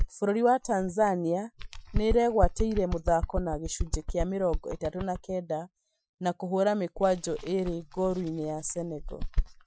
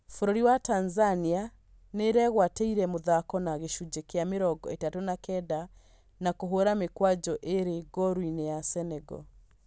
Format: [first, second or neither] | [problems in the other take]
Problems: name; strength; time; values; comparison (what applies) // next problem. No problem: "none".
second | noise reduction (classical method Wiener filter)